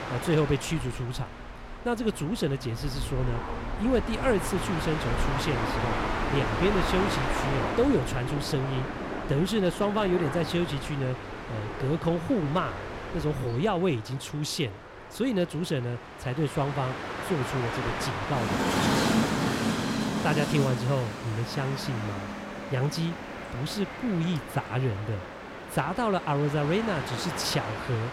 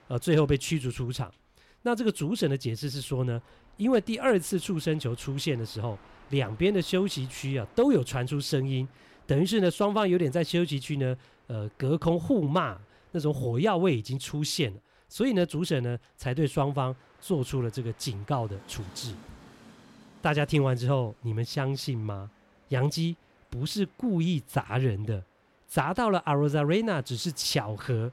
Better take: second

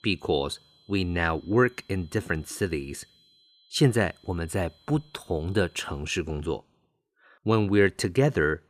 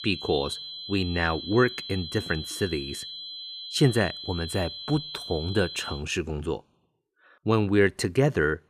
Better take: first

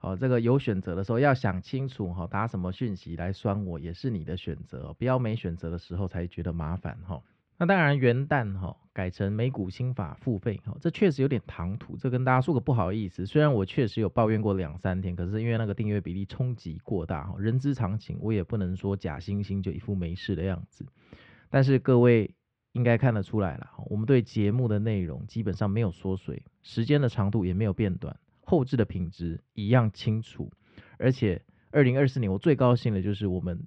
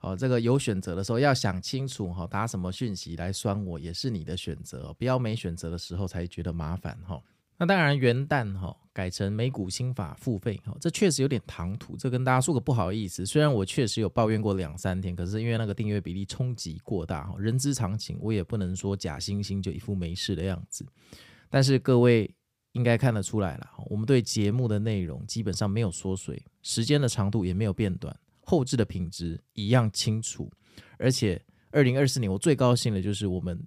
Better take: second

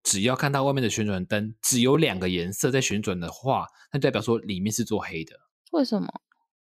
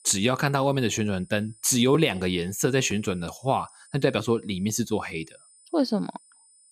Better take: first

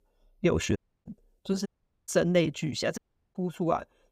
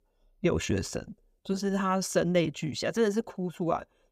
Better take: second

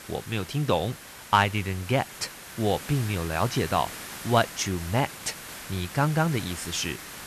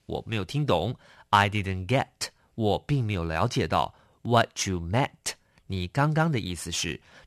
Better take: second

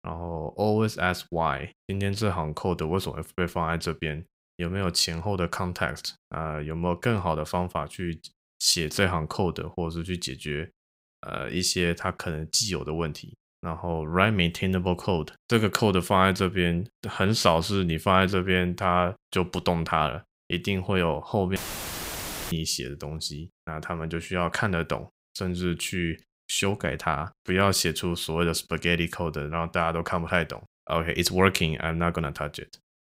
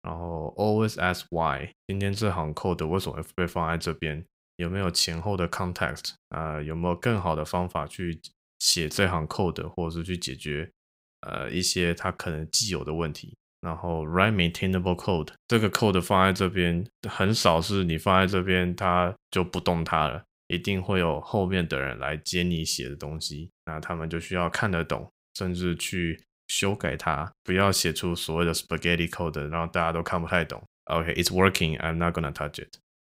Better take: second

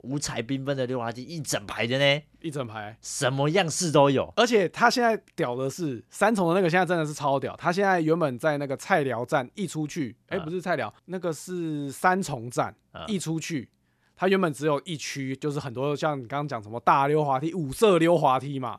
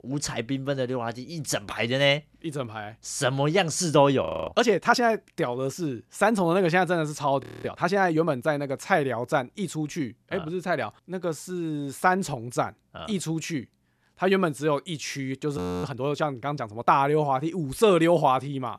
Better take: first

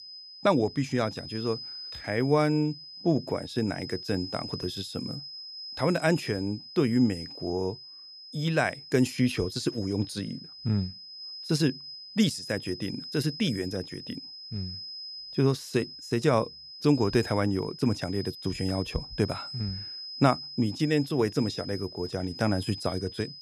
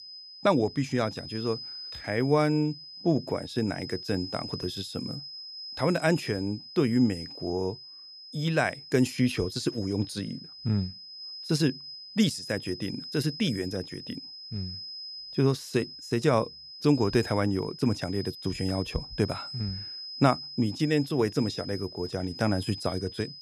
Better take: neither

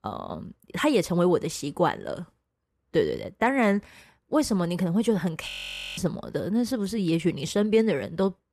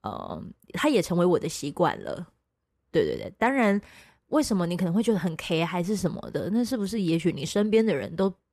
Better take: second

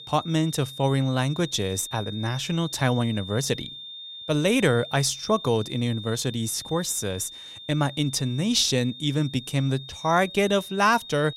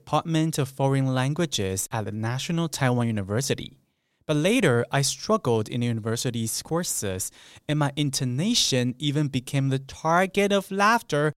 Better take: second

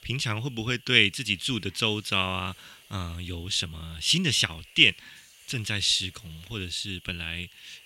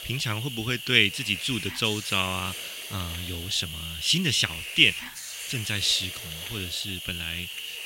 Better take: first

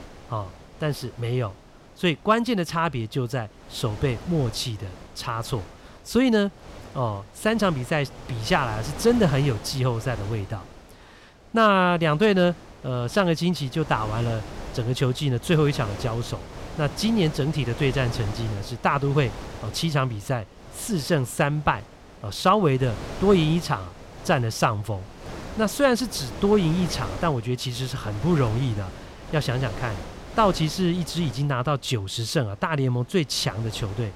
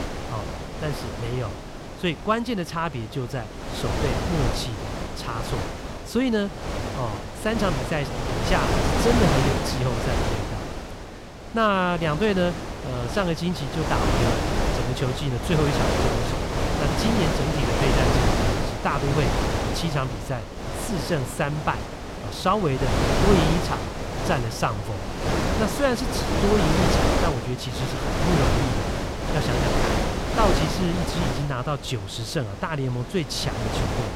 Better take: first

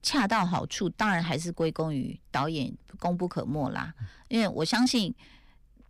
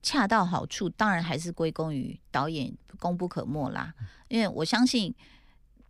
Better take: second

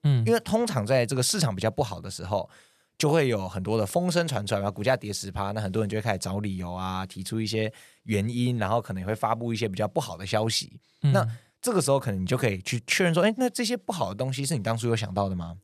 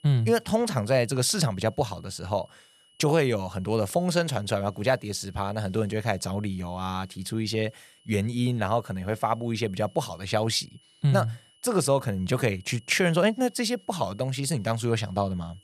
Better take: first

